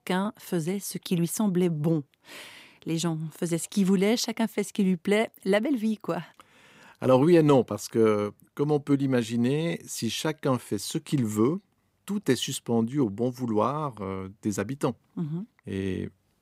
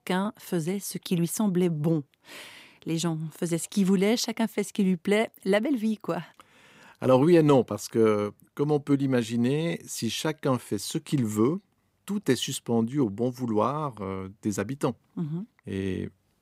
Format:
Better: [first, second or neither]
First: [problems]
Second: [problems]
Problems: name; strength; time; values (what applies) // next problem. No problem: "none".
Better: neither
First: none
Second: none